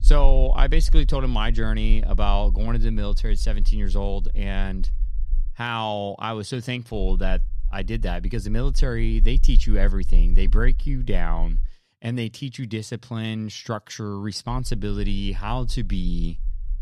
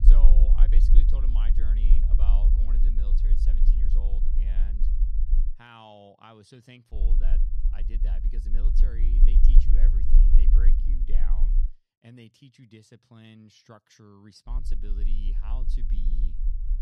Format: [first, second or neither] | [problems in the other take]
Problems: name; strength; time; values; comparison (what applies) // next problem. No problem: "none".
first | low rumble; loud; until 5.5 s, from 7 to 12 s and from 15 s on; 1 dB below the speech; faint in the first